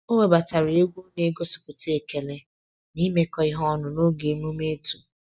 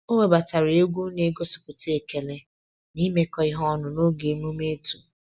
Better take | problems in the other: second | noise reduction (neural mask model DeepFilterNet 3)

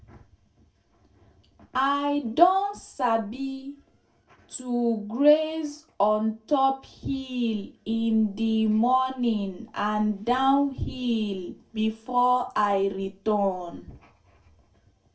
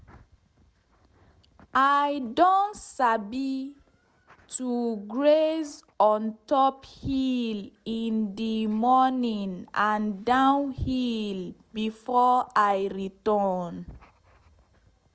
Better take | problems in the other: second | room echo; dies away in 0.2 s

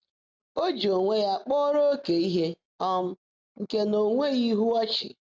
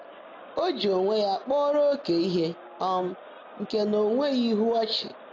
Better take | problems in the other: first | background sound (Crowd); 19 dB below the speech

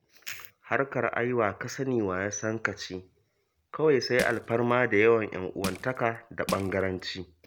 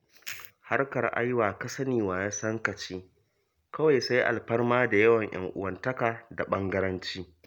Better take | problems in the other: second | background sound (Crushing); 12 dB below the speech

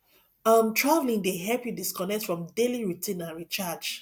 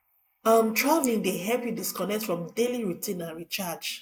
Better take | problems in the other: first | noise reduction (neural mask model Resemble Enhance denoiser)

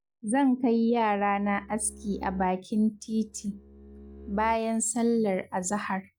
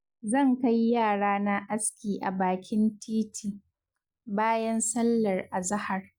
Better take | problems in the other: second | background sound (Bowed string instrument); 20 dB below the speech

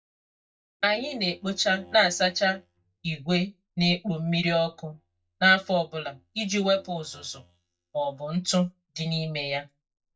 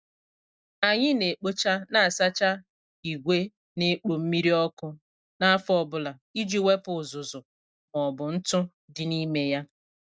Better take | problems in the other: second | noise reduction (neural mask model DeepFilterNet 3)

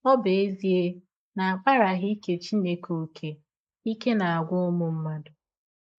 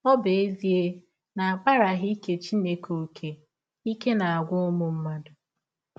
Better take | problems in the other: second | noise reduction (neural mask model Resemble Enhance denoiser)

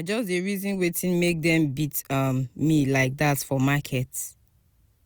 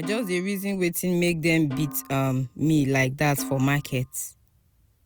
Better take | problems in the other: first | background sound (Snare drum); 17 dB below the speech

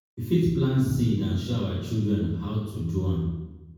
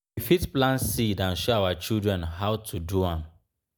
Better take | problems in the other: second | room echo; dies away in 1.1 s

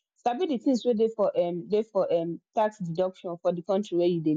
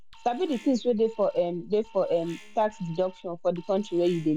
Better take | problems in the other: first | background sound (Alarm); 20 dB below the speech

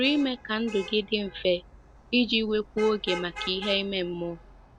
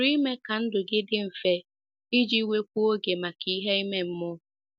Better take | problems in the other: second | background sound (Traffic noise, roadway noise / Vehicle horn, car horn, honking); 15 dB below the speech

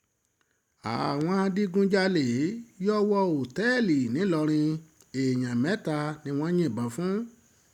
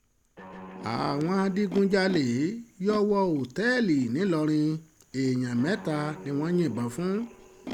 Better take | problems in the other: first | background sound (Animal + Guitar); 17 dB below the speech

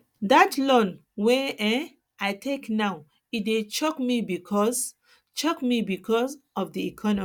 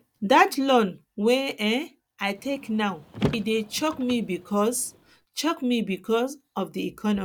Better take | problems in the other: first | background sound (Car); 10 dB below the speech

